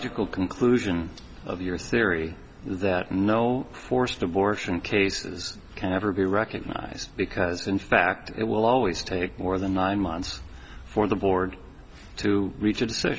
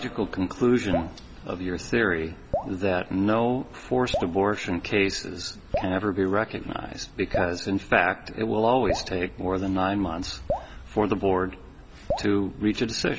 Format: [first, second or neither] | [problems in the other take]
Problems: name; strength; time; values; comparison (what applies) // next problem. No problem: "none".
first | background sound (Drip); 11 dB below the speech